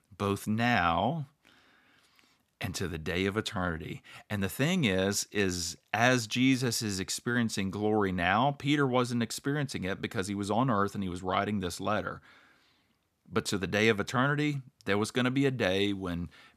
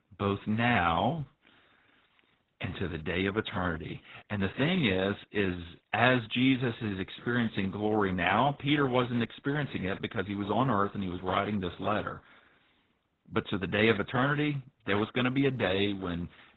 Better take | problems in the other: first | garbled, watery; badly; nothing above 4 kHz

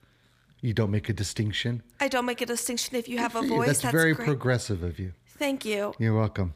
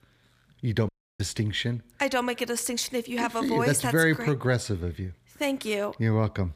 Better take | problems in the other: first | audio cutting out; at 1 s

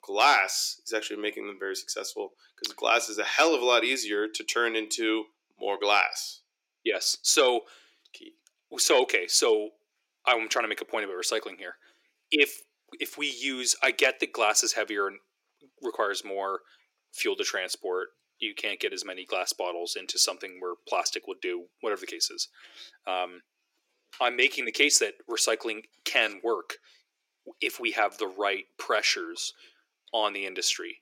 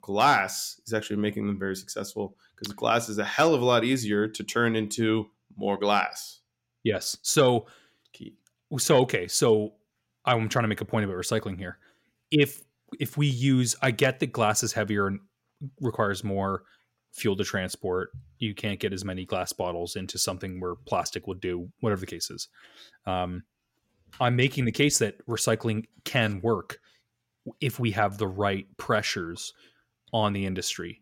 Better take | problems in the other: second | thin; very; fading below 350 Hz

